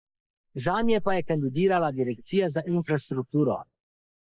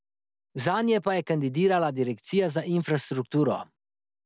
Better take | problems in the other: second | noise reduction (neural mask model Resemble Enhance denoiser)

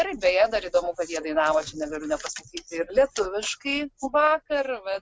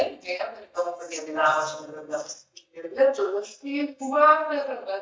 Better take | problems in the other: first | noise reduction (neural mask model DeepFilterNet 3)

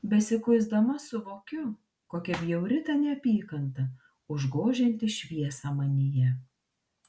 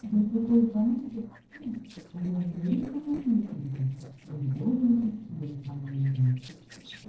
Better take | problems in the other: first | noise reduction (neural separator model SepFormer DNS4)

